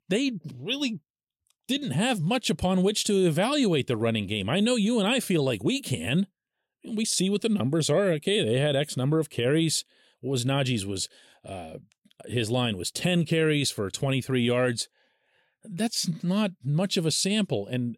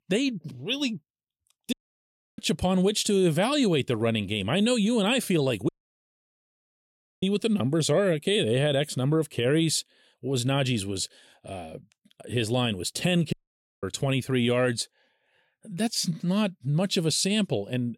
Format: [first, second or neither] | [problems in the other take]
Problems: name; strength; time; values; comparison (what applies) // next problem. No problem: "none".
first | audio cutting out; at 1.5 s for 0.5 s, at 5.5 s for 1.5 s and at 13 s for 0.5 s